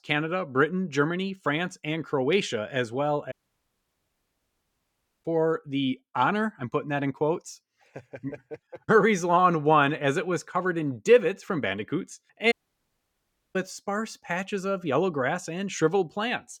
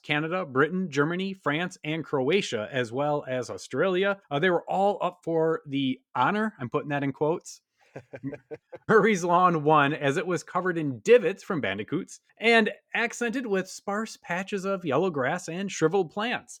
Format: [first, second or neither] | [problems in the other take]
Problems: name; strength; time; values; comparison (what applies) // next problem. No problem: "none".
second | audio cutting out; at 3.5 s for 2 s and at 13 s for 1 s